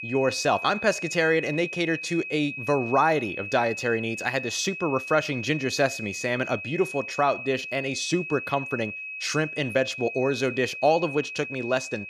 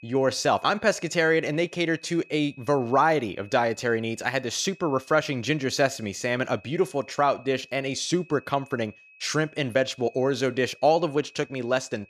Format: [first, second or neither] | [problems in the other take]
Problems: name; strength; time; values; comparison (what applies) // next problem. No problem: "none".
second | high-pitched whine; loud; throughout; 2.5 kHz, 8 dB below the speech; faint in the second